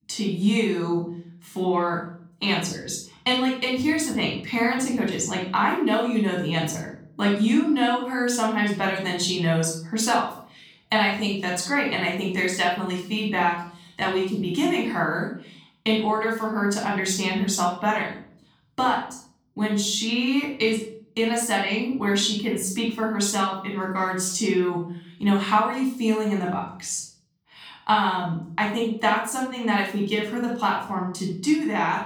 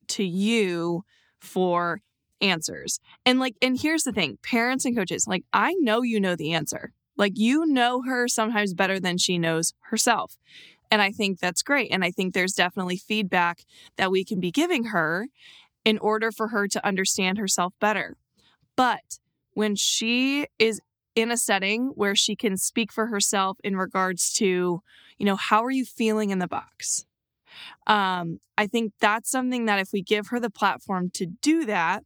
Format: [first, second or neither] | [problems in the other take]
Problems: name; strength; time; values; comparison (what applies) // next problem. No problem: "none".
second | off-mic speech; somewhat distant // room echo; noticeable; dies away in 0.5 s